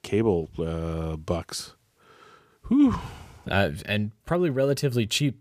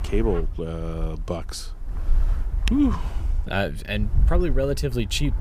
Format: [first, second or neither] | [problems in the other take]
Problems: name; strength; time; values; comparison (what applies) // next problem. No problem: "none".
first | wind noise on the microphone; occasional gusts; 15 dB below the speech